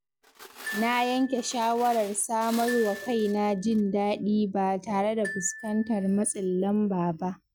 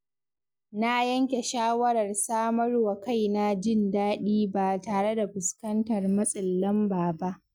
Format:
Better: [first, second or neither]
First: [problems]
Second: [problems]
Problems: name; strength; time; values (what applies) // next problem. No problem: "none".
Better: second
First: background sound (Glockenspiel + Glass); 15 dB below the speech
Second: none